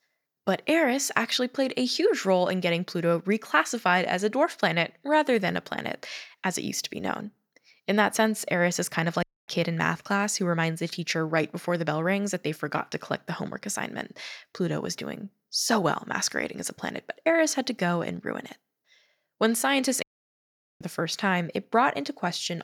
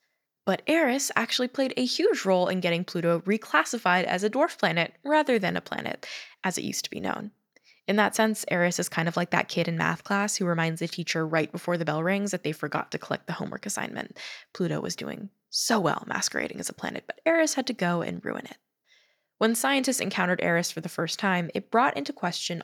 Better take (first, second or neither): second